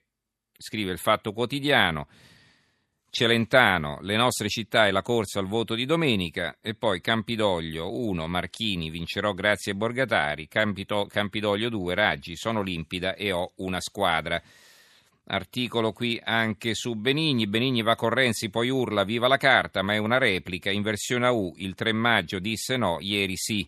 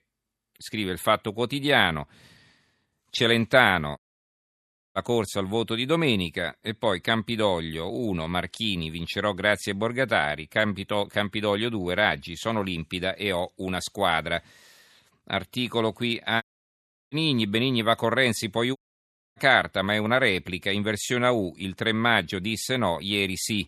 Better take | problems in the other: first | audio cutting out; at 4 s for 1 s, at 16 s for 0.5 s and at 19 s for 0.5 s

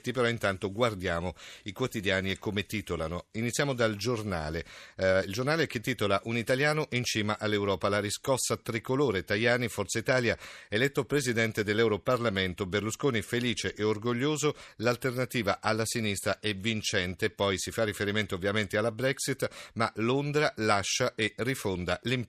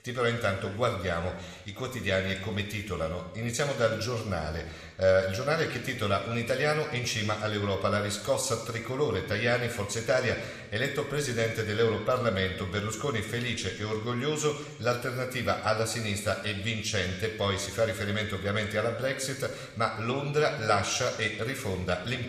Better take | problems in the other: first | room echo; slight; dies away in 1.1 s

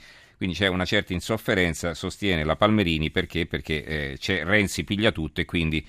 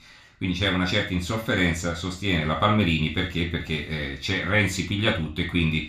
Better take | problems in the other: first | room echo; slight; dies away in 0.3 s // off-mic speech; somewhat distant

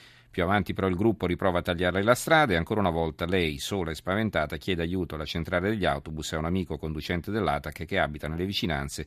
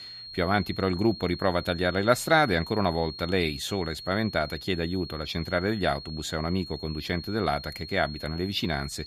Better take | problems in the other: first | high-pitched whine; noticeable; throughout; 4.5 kHz, 10 dB below the speech

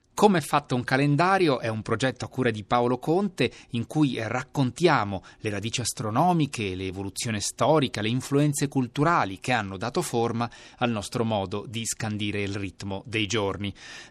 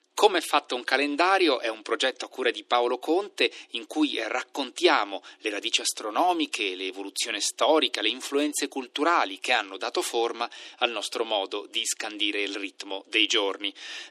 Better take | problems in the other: first | thin; somewhat; fading below 300 Hz

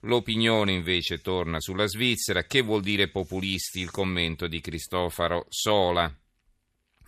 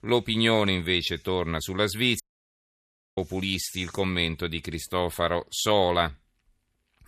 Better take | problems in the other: first | audio cutting out; at 2 s for 1 s

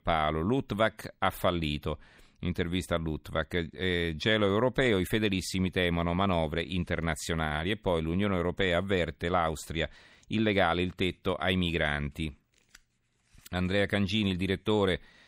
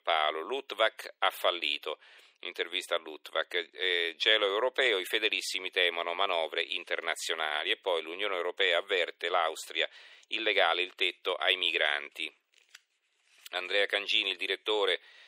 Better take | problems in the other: first | thin; very; fading below 400 Hz

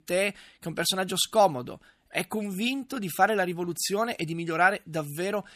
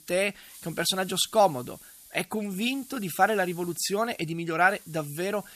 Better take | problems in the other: first | hiss; faint; throughout; 20 dB below the speech

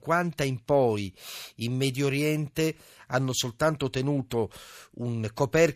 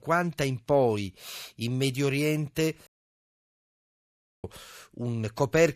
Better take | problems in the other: first | audio cutting out; at 3 s for 1.5 s

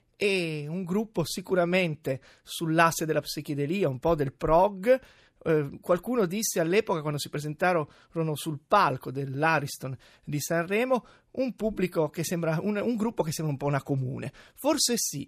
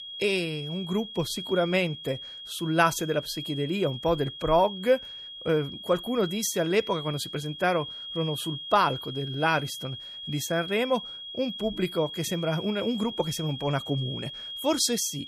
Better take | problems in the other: first | high-pitched whine; loud; throughout; 3.5 kHz, 9 dB below the speech

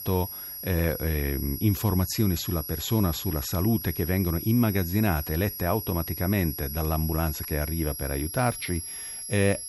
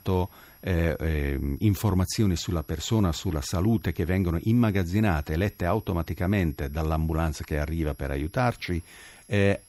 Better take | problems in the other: second | high-pitched whine; loud; throughout; 11.5 kHz, 7 dB below the speech; faint in the second

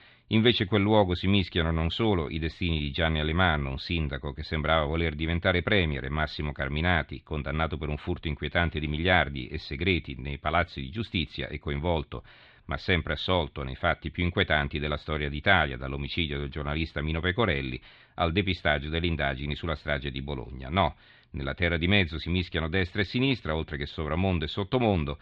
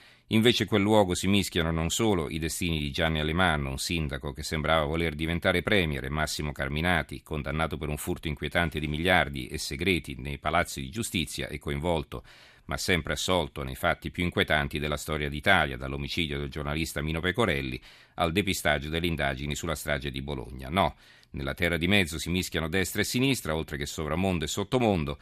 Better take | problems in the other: second | muffled; slightly; fading above 4 kHz

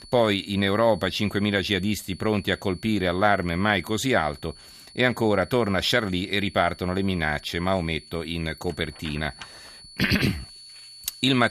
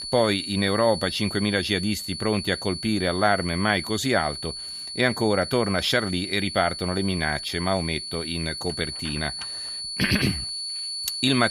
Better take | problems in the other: first | high-pitched whine; loud; throughout; 4.5 kHz, 6 dB below the speech; faint in the first

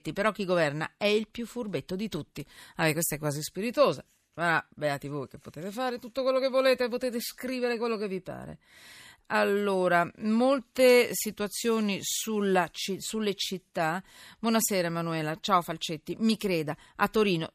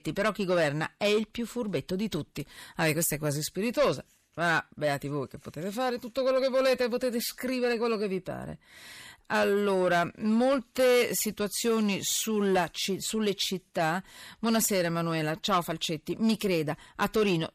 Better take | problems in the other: first | distortion; slight; 10 dB below the speech

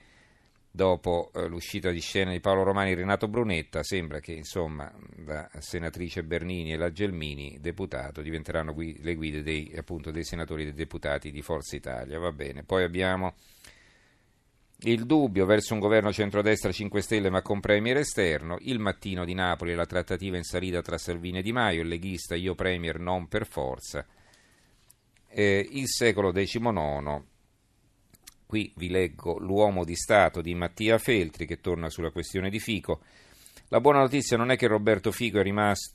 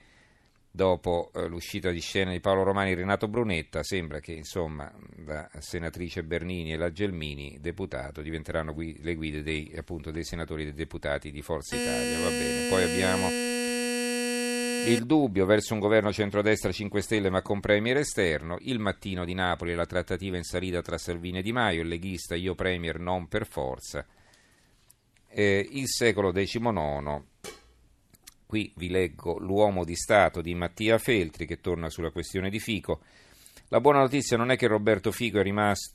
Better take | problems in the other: first | alarm; loud; from 12 to 15 s; peak level with the speech // clattering dishes; faint; at 27 s; peak 15 dB below the speech

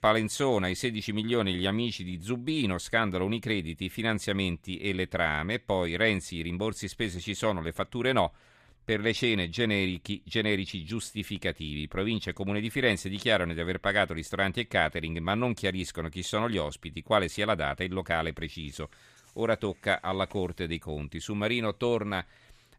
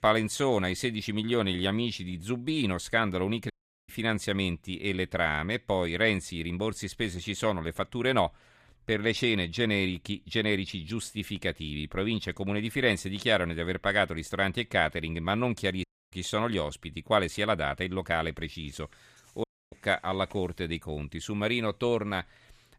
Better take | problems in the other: first | audio cutting out; at 3.5 s, at 16 s and at 19 s

